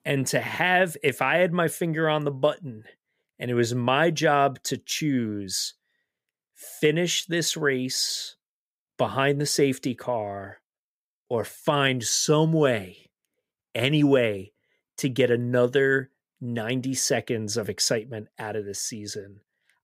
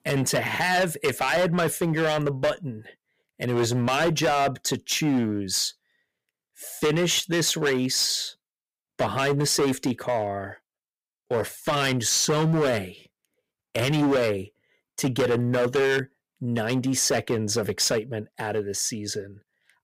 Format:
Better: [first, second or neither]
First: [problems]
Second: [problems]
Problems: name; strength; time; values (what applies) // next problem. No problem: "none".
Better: first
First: none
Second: distortion; heavy; 11% of the sound clipped